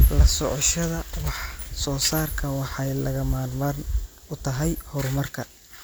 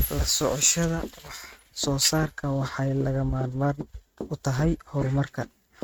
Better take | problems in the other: first | noise reduction (neural mask model RNNoise)

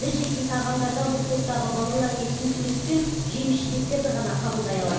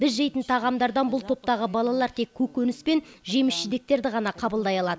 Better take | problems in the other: second | background sound (Frying (food)); 3 dB below the speech // room echo; dies away in 1.1 s

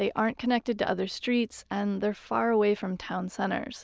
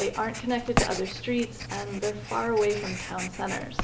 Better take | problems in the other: first | background sound (Writing); 4 dB below the speech // room echo; dies away in 0.9 s

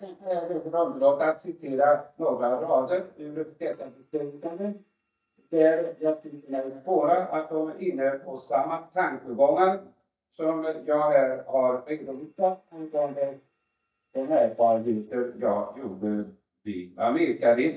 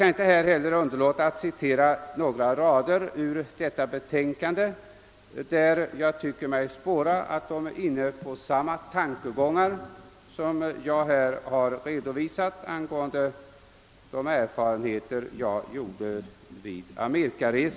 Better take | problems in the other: second | noise reduction (neural mask model DeepFilterNet 3)

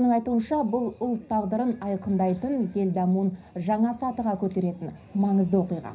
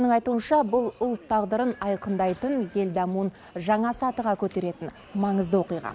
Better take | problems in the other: second | room echo; dies away in 0.5 s

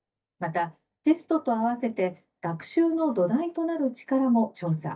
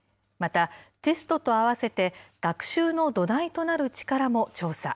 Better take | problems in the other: second | noise reduction (neural mask model DeepFilterNet 3)

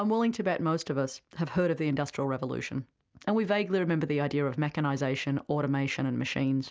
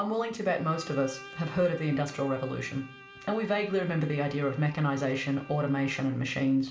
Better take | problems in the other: first | background sound (Bowed string instrument); 20 dB below the speech // room echo; dies away in 0.6 s

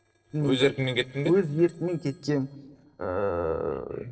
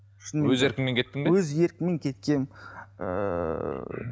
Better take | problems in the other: second | noise reduction (neural separator model SepFormer DNS4)

